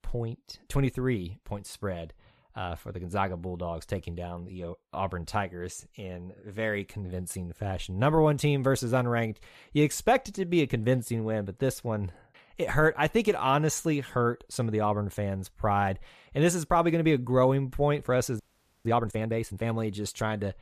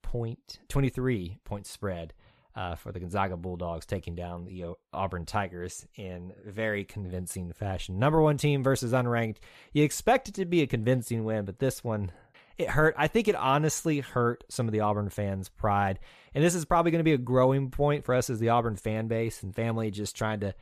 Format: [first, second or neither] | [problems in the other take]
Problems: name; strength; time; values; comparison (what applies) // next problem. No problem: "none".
second | audio freezing; at 18 s